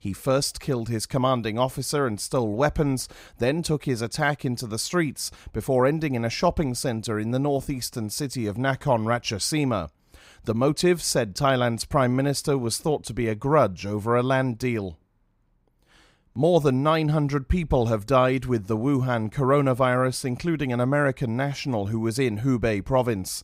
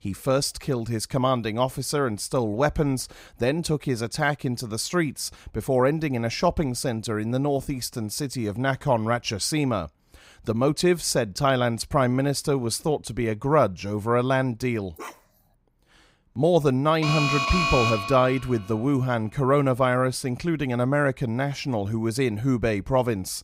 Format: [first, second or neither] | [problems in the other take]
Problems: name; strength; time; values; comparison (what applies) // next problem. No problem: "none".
first | dog barking; faint; at 15 s; peak 15 dB below the speech // alarm; loud; from 17 to 18 s; peak 2 dB above the speech